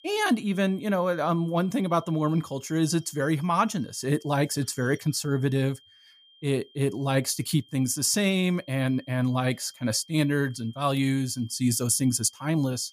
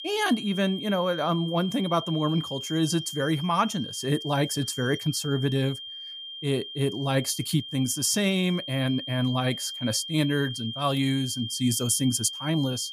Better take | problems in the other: first | high-pitched whine; loud; throughout; 3 kHz, 8 dB below the speech; faint in the first

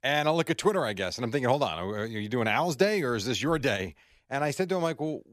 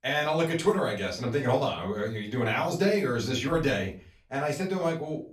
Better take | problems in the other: first | off-mic speech; far // room echo; very slight; dies away in 0.3 s

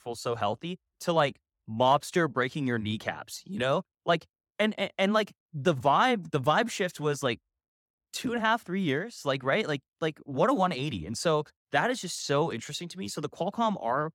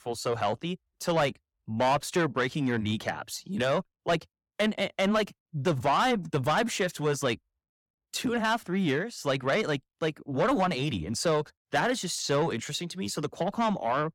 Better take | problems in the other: first | distortion; slight; 10 dB below the speech

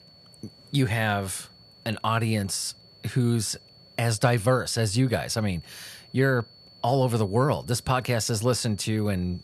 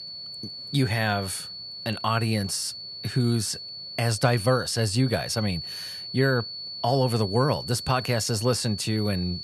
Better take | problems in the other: first | high-pitched whine; loud; throughout; 4.5 kHz, 9 dB below the speech; faint in the first

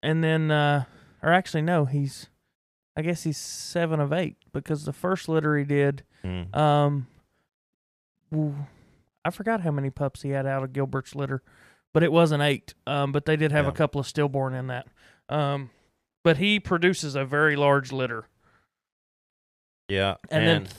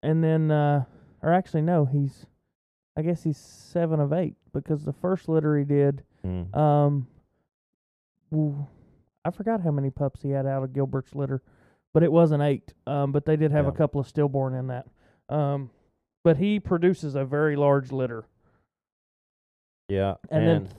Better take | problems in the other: first | muffled; slightly; fading above 1 kHz

